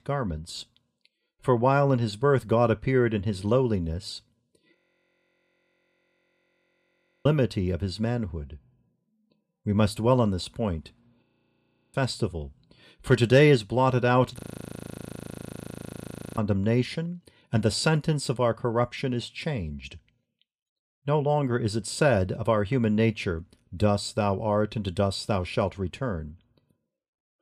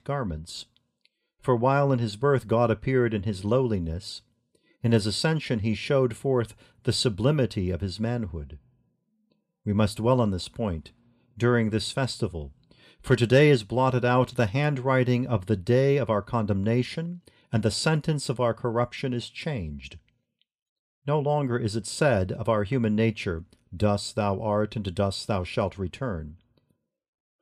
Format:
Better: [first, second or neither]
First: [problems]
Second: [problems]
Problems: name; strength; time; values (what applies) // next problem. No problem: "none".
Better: second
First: audio freezing; at 5 s for 2.5 s, at 11 s for 0.5 s and at 14 s for 2 s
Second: none